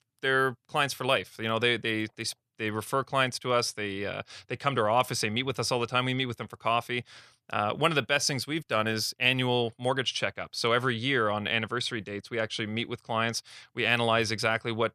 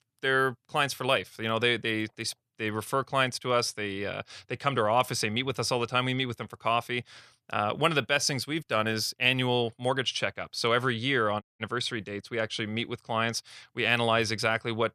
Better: first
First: none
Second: audio cutting out; at 11 s

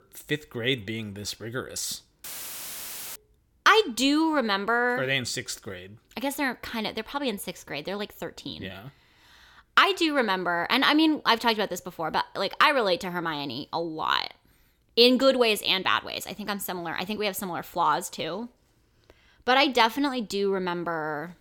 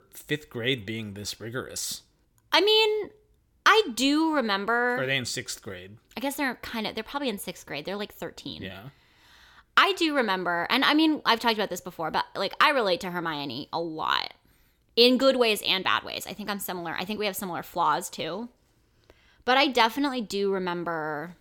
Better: second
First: audio cutting out; filled with static; at 2 s for 1 s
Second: none

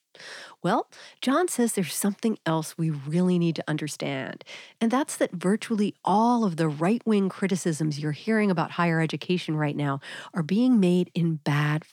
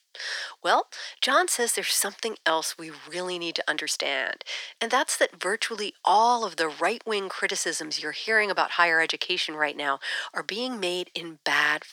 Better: first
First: none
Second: thin; very; fading below 500 Hz

